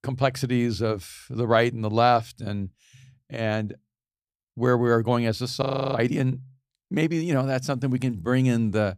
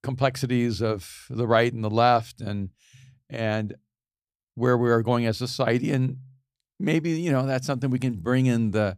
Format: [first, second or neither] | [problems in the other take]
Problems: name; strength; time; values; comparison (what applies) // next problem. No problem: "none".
second | audio freezing; at 5.5 s